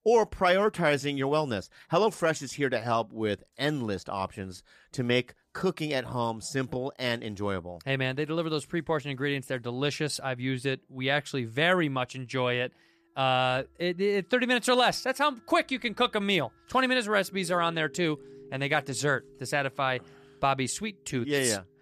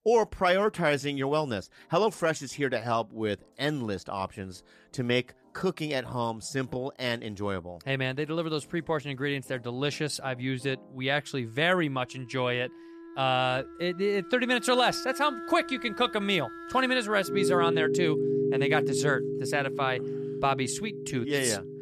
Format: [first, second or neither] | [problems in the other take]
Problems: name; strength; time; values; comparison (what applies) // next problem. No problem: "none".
first | background music; loud; throughout; 4 dB below the speech; faint in the first